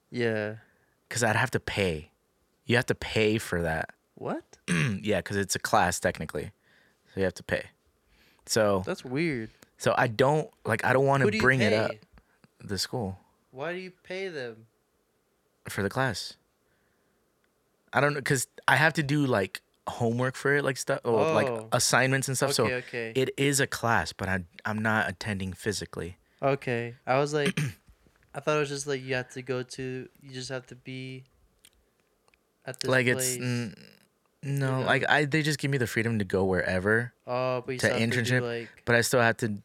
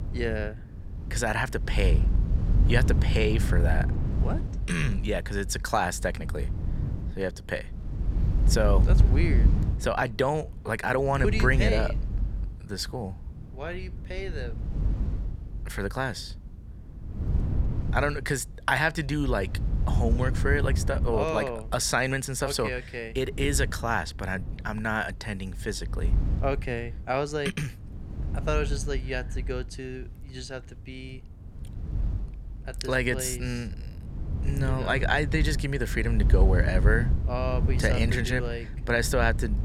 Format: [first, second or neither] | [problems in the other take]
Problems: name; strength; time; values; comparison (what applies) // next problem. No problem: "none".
first | wind noise on the microphone; occasional gusts; 15 dB below the speech